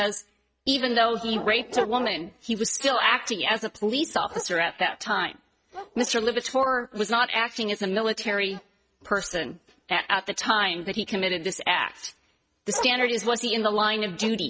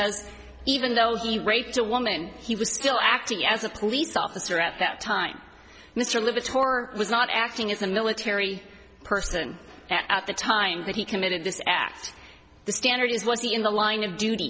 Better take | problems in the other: second | noise reduction (neural mask model RNNoise)

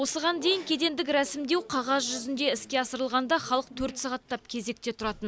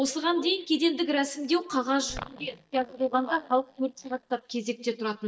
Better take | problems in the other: first | noise reduction (neural mask model DeepFilterNet 3)

